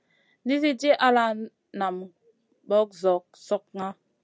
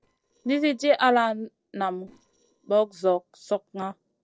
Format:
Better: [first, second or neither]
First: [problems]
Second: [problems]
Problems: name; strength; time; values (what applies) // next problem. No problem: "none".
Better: first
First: none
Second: noise reduction (neural separator model SepFormer DNS4)